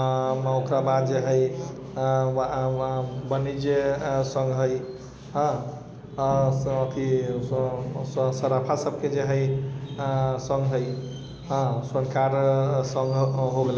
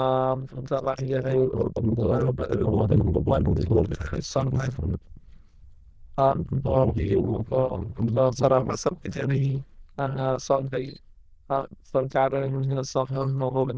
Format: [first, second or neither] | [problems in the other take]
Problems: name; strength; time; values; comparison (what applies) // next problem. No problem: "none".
first | noise reduction (neural diffusion model UNIVERSE++)